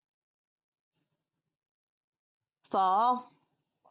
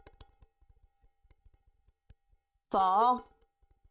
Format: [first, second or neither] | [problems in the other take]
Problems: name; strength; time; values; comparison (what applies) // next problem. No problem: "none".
first | noise reduction (neural mask model DeepFilterNet 3)